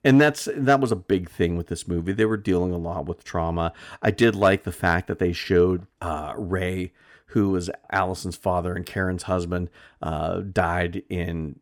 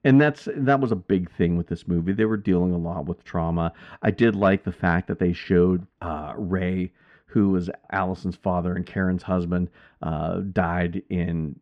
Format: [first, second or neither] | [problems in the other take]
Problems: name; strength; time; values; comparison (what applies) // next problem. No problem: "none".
first | muffled; slightly; fading above 3 kHz